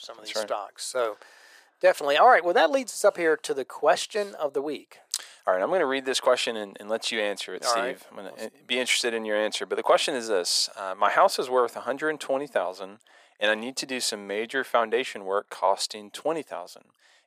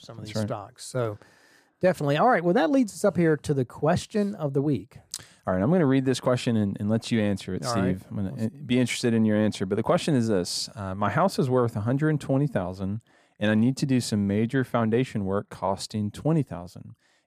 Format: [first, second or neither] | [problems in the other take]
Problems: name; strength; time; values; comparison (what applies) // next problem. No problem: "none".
second | thin; very; fading below 500 Hz